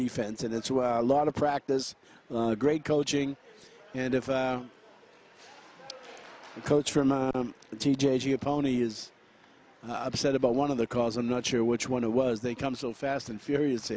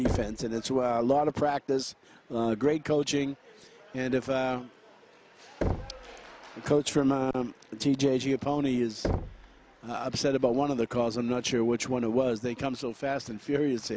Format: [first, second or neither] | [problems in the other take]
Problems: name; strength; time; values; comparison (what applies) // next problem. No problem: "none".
first | background sound (Knock); 10 dB below the speech